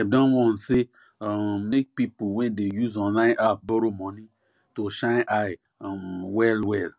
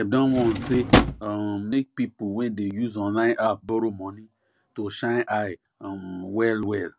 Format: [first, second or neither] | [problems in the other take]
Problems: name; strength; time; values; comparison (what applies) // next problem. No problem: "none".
first | background sound (Drawer open or close); 2 dB above the speech